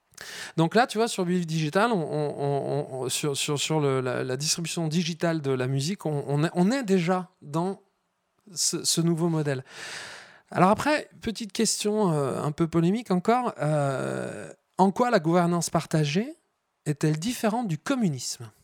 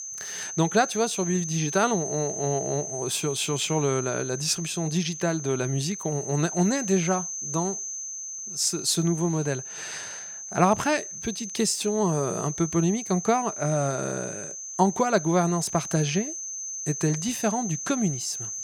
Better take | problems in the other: first | high-pitched whine; loud; throughout; 6 kHz, 7 dB below the speech

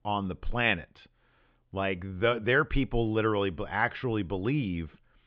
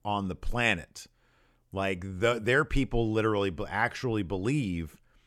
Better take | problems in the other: second | muffled; very; fading above 3.5 kHz

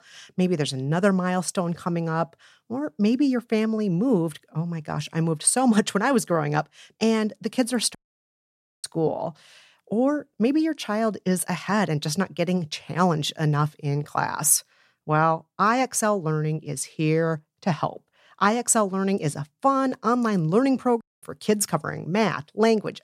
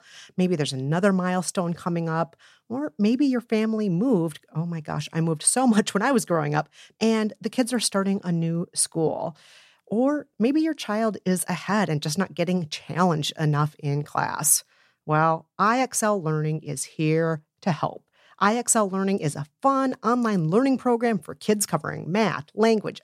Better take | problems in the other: second | audio cutting out; at 8 s for 1 s and at 21 s

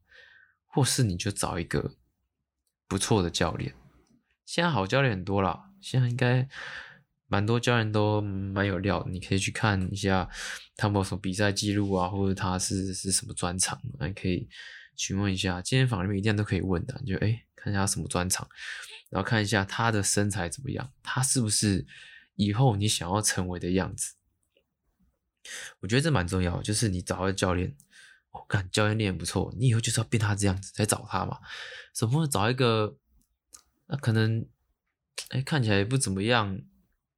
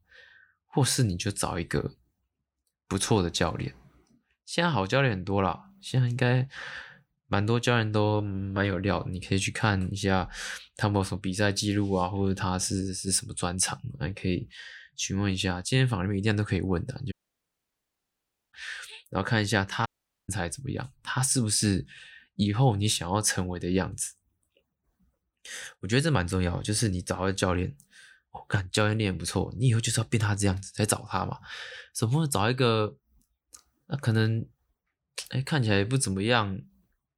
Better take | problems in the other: first | audio cutting out; at 17 s for 1.5 s and at 20 s

